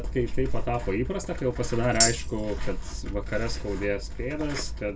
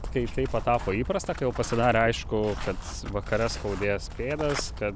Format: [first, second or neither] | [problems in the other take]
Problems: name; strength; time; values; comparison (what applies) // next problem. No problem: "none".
second | background sound (Tambourine); 1 dB below the speech // room echo; dies away in 0.2 s